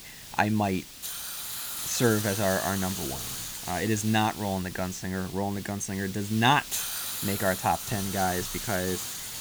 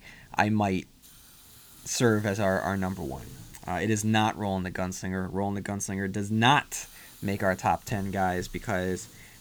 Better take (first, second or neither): second